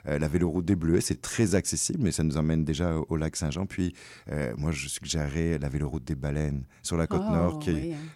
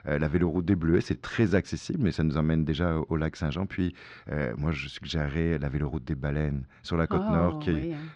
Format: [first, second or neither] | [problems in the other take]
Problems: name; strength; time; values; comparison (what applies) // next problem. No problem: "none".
first | muffled; slightly; fading above 4 kHz